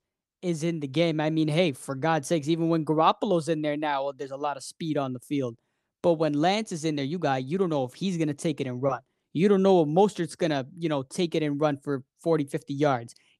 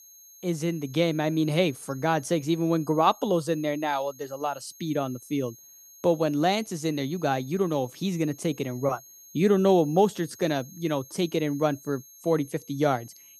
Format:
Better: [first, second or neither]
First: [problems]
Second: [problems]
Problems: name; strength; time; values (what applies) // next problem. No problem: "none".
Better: first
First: none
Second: high-pitched whine; faint; throughout; 6.5 kHz, 20 dB below the speech